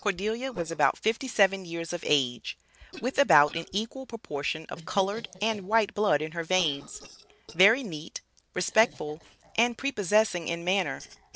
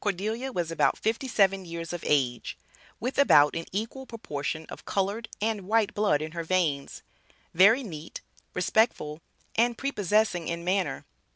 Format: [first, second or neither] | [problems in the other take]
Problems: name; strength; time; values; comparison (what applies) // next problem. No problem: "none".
second | noise reduction (neural separator model SepFormer DNS4)